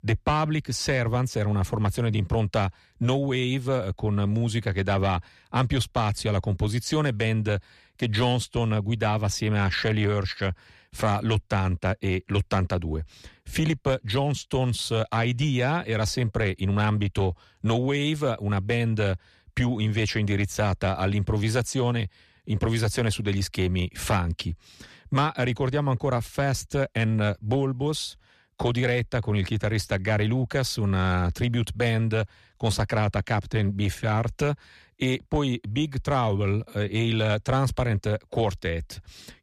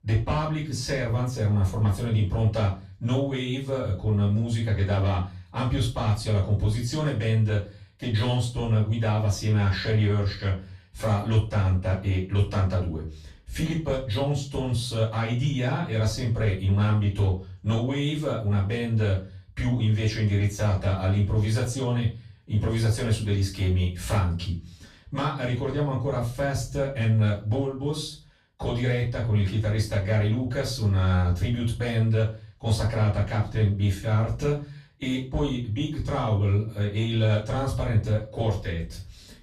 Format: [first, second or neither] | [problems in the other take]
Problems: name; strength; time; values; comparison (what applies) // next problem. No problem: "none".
first | off-mic speech; far // room echo; slight; dies away in 0.3 s